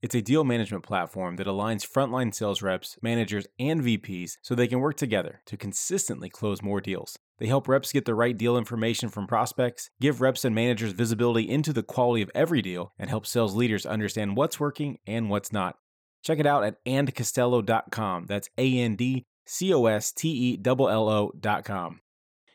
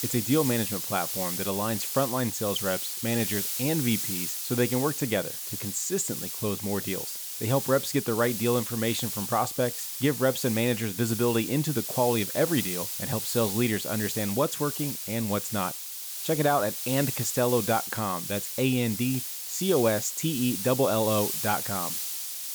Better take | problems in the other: first | hiss; loud; throughout; 3 dB below the speech

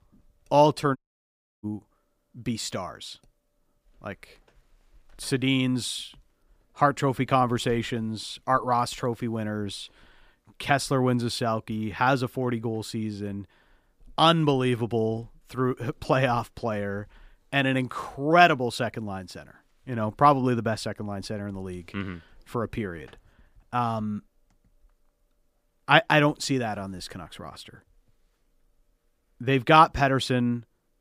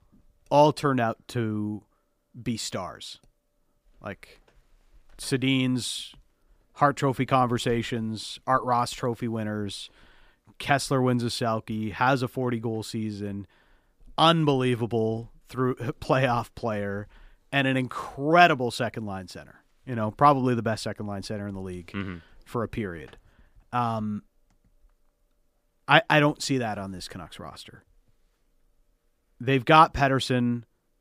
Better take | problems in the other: second | audio cutting out; at 1 s for 0.5 s

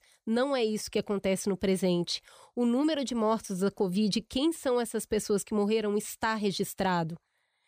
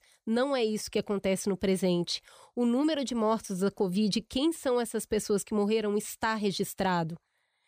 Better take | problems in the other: neither | none

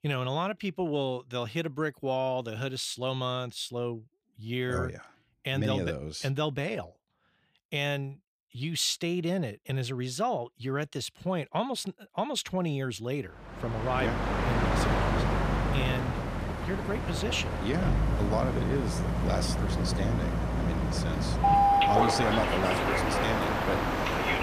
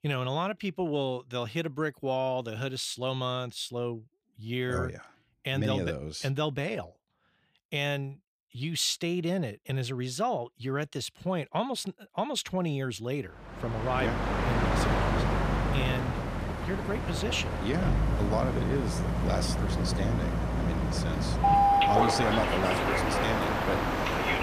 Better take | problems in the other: neither | train or aircraft noise; very loud; from 14 s on; 4 dB above the speech; the same in both

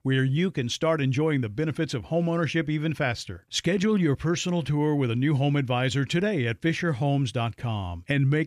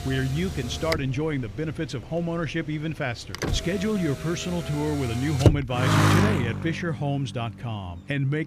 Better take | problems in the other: first | traffic noise; very loud; throughout; 1 dB above the speech

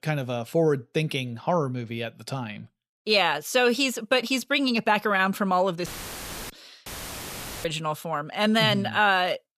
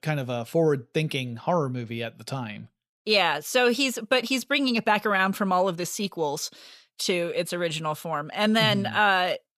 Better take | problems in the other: second | audio cutting out; filled with static; at 6 s for 0.5 s and at 7 s for 1 s

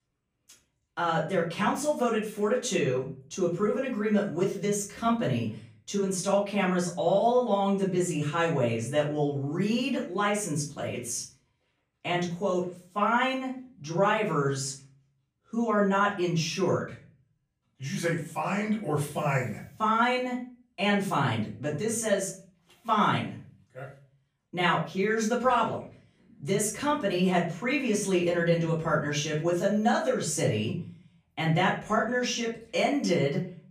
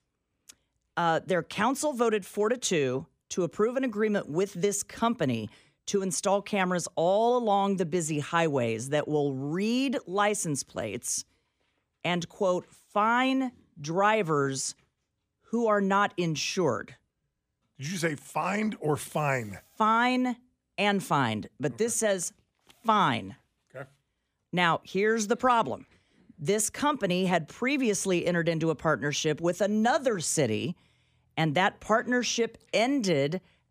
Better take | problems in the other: second | off-mic speech; far // room echo; slight; dies away in 0.4 s

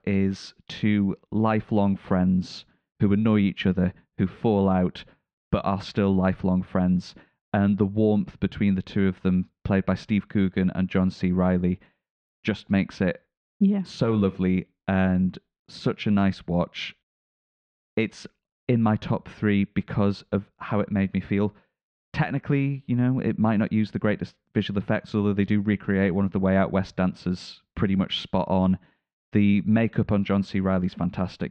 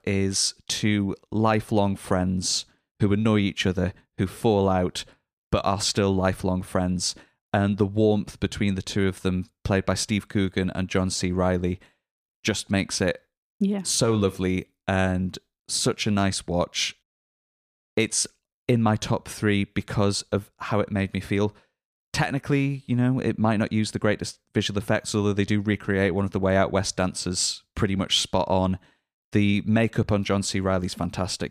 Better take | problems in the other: second | muffled; slightly; fading above 3 kHz

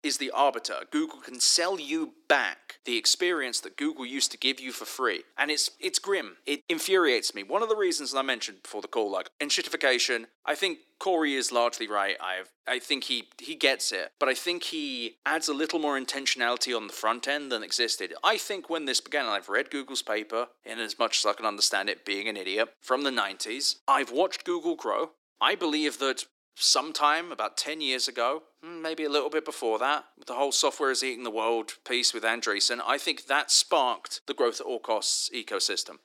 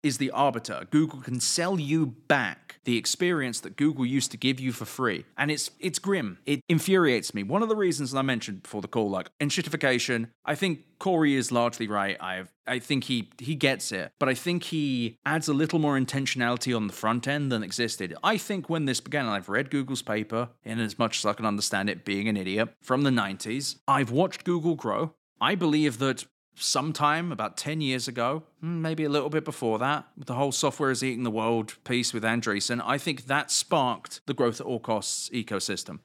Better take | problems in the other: second | thin; somewhat; fading below 350 Hz

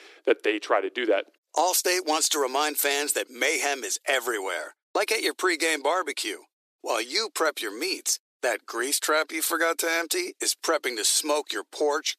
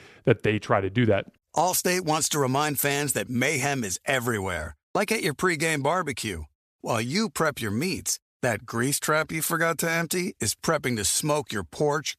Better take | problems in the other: second | thin; very; fading below 300 Hz

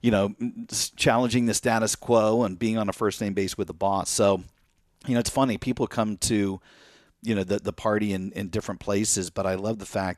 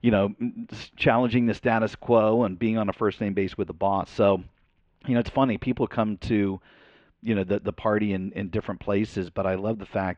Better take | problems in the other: first | muffled; very; fading above 3 kHz

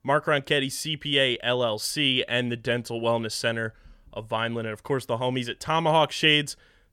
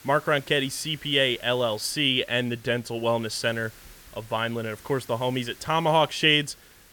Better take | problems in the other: first | hiss; faint; throughout; 25 dB below the speech

